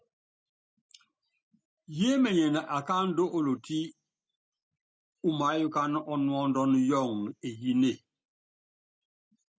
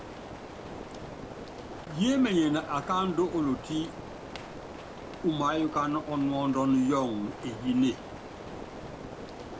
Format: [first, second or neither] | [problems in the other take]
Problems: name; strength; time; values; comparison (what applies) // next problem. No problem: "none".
first | background sound (Rain); 11 dB below the speech